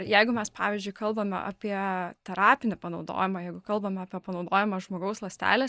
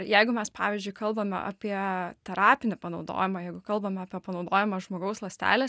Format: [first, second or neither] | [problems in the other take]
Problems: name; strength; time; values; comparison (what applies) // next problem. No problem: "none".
second | noise reduction (neural mask model DeepFilterNet 3)